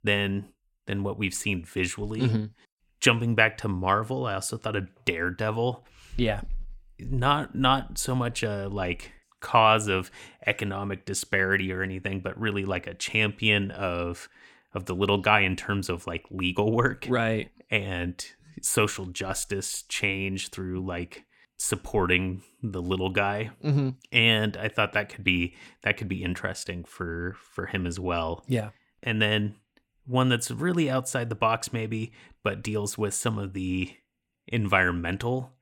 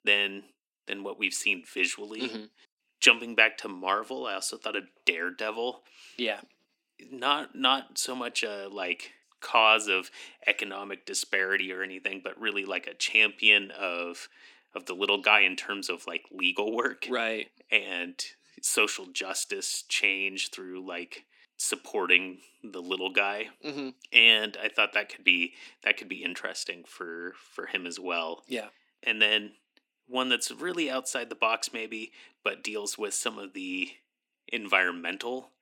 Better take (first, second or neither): first